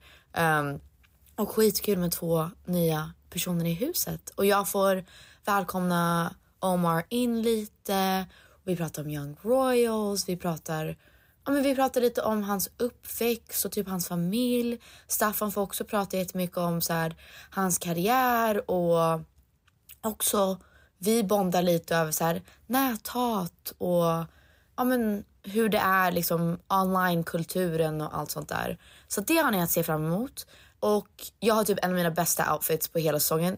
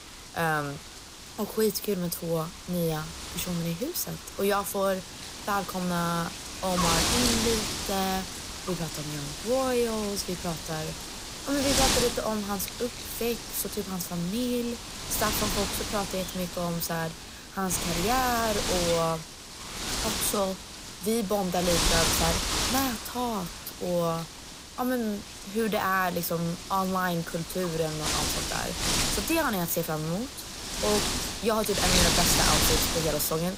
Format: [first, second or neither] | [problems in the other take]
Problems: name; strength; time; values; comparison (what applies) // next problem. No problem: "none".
first | wind noise on the microphone; heavy; as loud as the speech